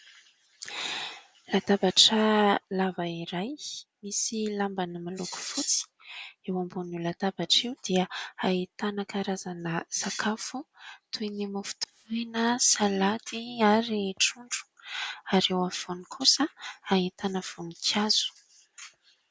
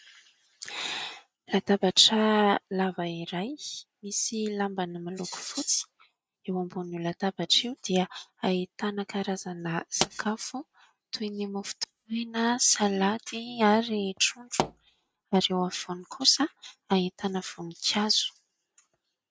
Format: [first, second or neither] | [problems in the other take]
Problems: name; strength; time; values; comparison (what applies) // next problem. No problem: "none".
first | noise reduction (neural mask model RNNoise)